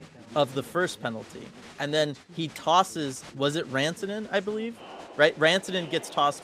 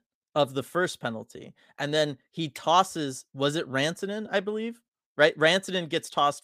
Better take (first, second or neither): second